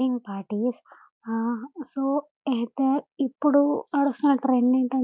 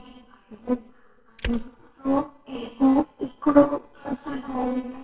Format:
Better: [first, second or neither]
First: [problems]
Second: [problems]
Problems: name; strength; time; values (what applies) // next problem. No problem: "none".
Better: first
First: none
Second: noise reduction (neural separator model SepFormer WHAMR!)